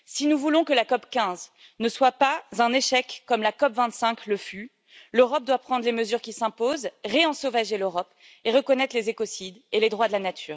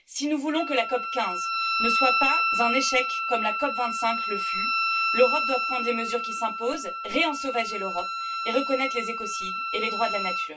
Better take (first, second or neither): first